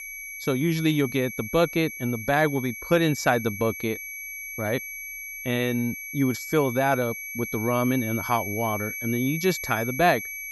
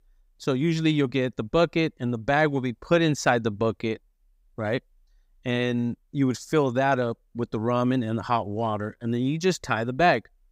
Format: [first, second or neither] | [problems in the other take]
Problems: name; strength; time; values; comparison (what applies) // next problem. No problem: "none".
second | high-pitched whine; loud; throughout; 2.5 kHz, 8 dB below the speech